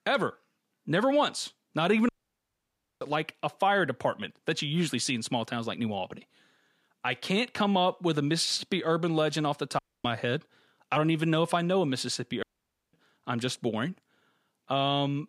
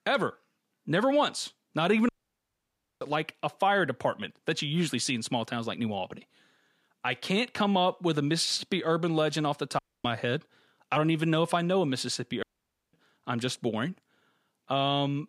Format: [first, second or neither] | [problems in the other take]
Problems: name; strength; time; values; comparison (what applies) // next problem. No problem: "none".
neither | audio cutting out; at 2 s for 1 s, at 10 s and at 12 s for 0.5 s; the same in both